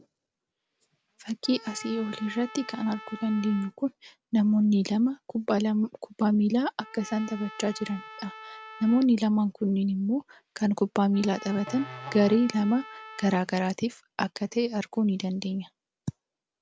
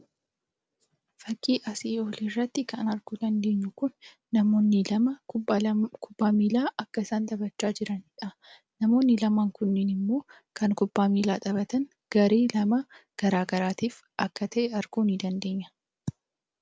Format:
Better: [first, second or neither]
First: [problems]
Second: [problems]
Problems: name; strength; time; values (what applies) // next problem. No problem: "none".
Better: second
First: background sound (Musical instrument + Trumpet); 18 dB below the speech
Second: none